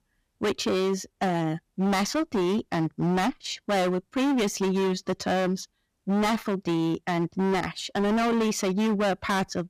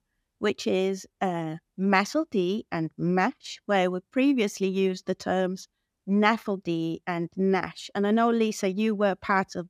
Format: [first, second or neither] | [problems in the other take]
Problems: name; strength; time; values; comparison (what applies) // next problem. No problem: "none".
second | distortion; heavy; 27% of the sound clipped